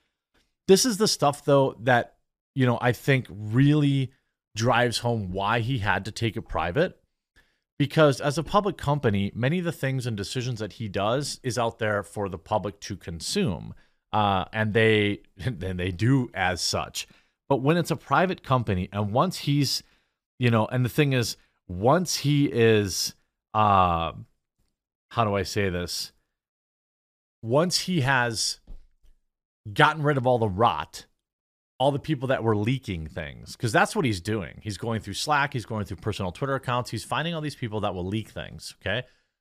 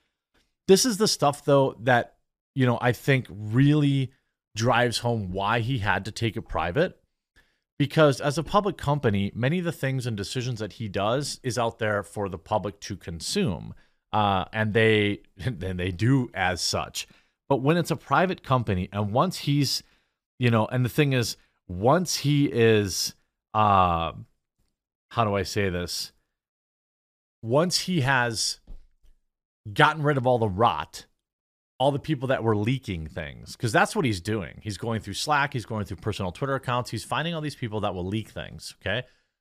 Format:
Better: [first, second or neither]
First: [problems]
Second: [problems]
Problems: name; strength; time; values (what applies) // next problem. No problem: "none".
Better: neither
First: none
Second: none